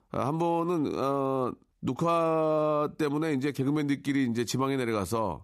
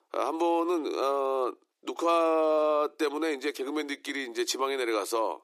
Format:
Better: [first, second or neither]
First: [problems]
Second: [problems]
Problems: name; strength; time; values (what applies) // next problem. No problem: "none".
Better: first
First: none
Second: thin; somewhat; fading below 350 Hz